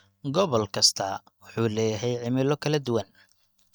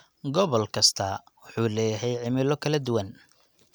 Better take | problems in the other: second | noise reduction (neural mask model DeepFilterNet 3)

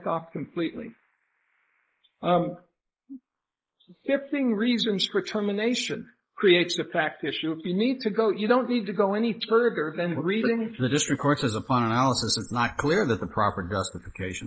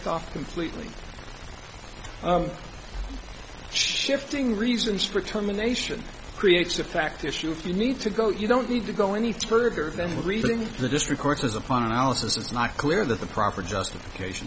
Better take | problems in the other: second | noise reduction (neural mask model Resemble Enhance denoiser)

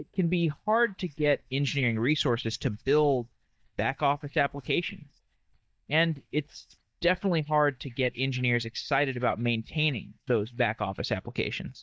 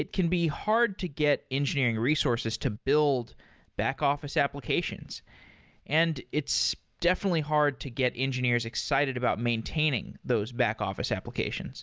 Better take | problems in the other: second | noise reduction (neural mask model DeepFilterNet 3)

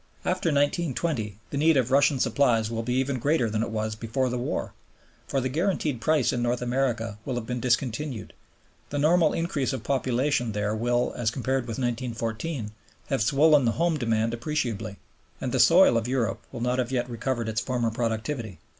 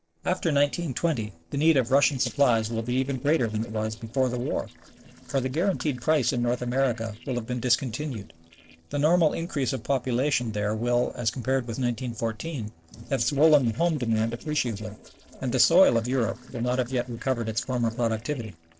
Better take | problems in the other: first | noise reduction (neural separator model SepFormer DNS4)

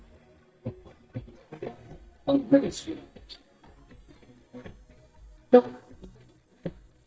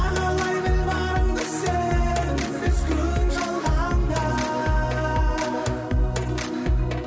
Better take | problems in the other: second | noise reduction (neural mask model DeepFilterNet 3)

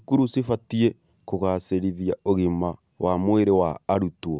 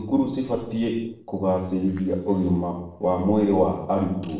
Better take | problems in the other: first | noise reduction (neural separator model SepFormer DNS4)

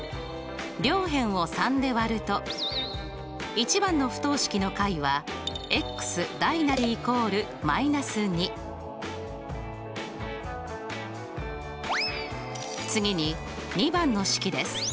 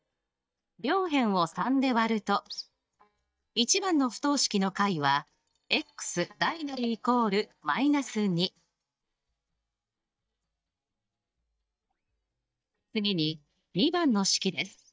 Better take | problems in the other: first | noise reduction (neural mask model DeepFilterNet 3)

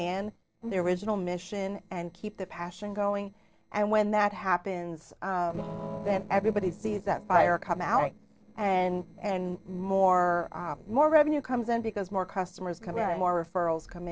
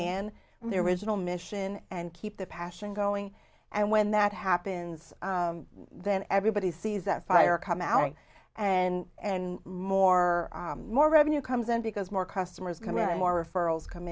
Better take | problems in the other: second | noise reduction (neural separator model SepFormer DNS4)

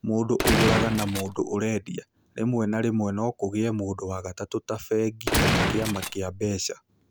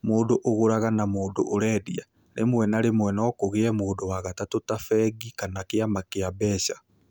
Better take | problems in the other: second | background sound (Gunshot, gunfire); 2 dB above the speech

